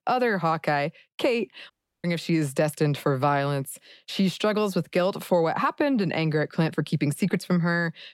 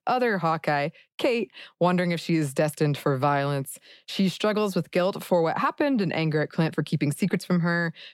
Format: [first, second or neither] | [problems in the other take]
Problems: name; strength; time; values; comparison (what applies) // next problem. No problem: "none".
second | audio cutting out; at 1.5 s